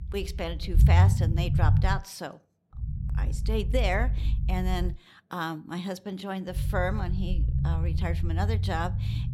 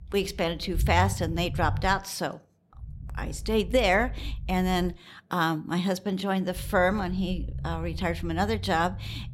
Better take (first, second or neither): second